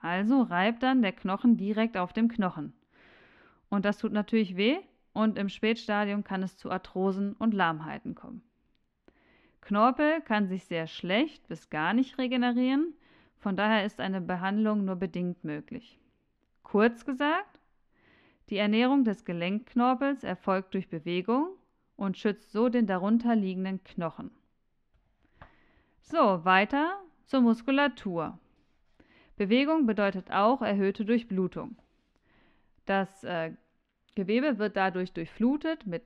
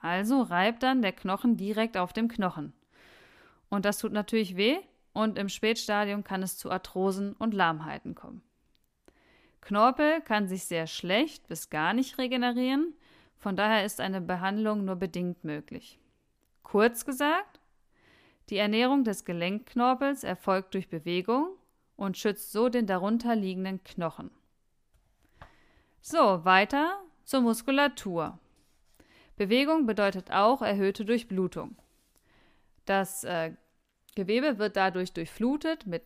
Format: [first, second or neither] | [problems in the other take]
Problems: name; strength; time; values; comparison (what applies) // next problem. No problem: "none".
second | muffled; slightly; fading above 2.5 kHz